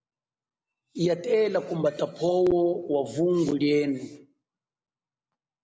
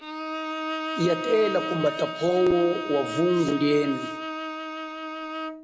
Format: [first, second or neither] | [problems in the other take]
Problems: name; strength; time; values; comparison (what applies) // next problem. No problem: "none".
first | background sound (Bowed string instrument); 6 dB below the speech